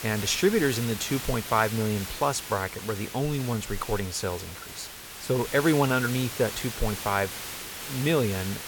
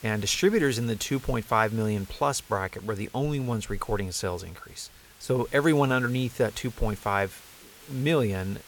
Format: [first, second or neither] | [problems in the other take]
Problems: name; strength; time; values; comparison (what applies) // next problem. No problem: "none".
second | hiss; loud; throughout; 8 dB below the speech; faint in the second